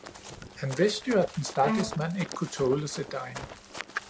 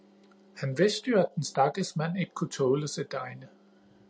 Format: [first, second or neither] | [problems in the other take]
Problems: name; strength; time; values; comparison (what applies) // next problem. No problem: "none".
second | background sound (Run + Bowed string instrument); 8 dB below the speech